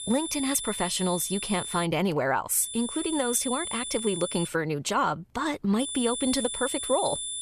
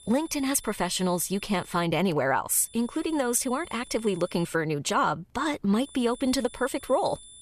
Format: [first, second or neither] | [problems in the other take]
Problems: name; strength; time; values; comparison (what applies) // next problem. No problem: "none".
second | high-pitched whine; loud; until 2 s, from 2.5 to 4.5 s and from 6 s on; 10 kHz, 5 dB below the speech; faint in the second